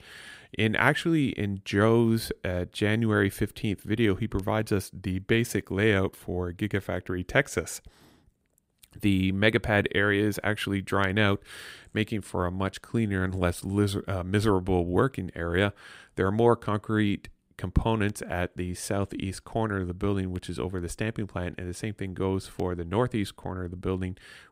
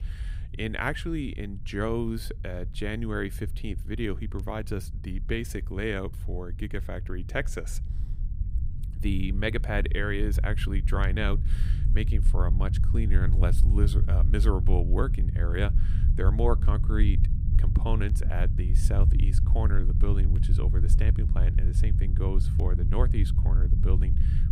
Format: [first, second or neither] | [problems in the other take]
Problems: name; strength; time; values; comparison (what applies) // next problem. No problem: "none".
first | low rumble; loud; throughout; 10 dB below the speech